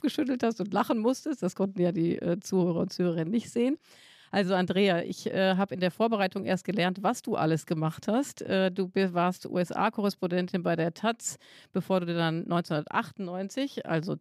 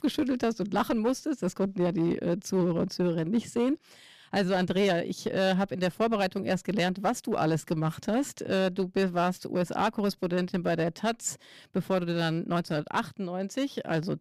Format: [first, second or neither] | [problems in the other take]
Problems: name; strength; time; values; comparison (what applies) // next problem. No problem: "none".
first | distortion; slight; 6% of the sound clipped